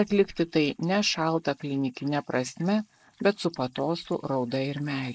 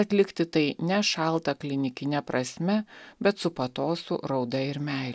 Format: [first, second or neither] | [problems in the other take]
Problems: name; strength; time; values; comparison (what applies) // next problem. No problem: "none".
second | noise reduction (neural mask model Resemble Enhance denoiser)